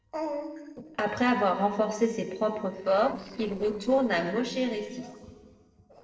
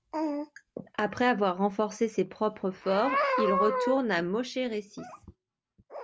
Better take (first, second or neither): second